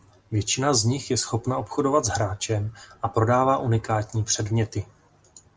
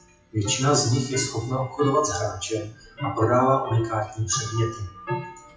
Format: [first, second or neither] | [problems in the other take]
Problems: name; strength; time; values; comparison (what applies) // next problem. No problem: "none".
first | noise reduction (classical method WPE with log-MMSE)